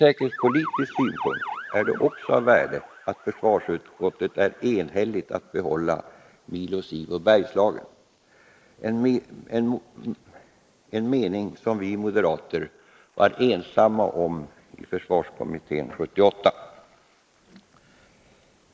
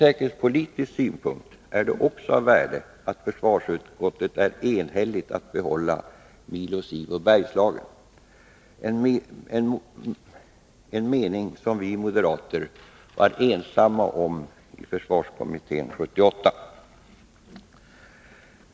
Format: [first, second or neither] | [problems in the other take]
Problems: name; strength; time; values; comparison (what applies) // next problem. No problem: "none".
second | noise reduction (neural mask model Resemble Enhance denoiser)